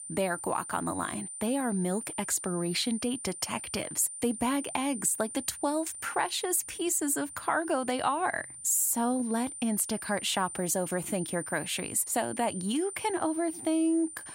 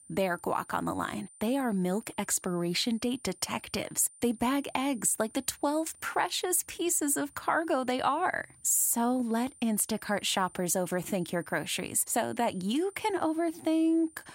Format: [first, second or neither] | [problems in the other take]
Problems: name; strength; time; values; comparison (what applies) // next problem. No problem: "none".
second | high-pitched whine; loud; throughout; 9 kHz, 9 dB below the speech; faint in the second